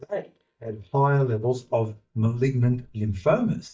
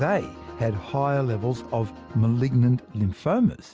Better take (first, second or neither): second